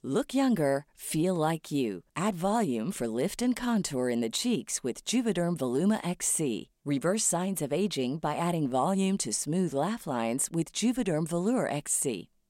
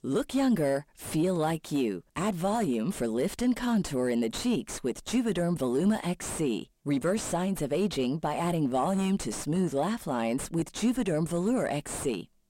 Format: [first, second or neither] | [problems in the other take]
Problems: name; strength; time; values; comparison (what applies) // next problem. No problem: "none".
first | distortion; slight; 7 dB below the speech